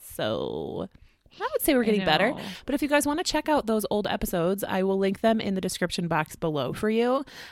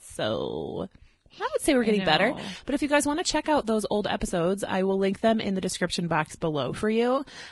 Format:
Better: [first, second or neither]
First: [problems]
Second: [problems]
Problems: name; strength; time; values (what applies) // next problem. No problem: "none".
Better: first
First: none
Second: garbled, watery; badly; nothing above 11.5 kHz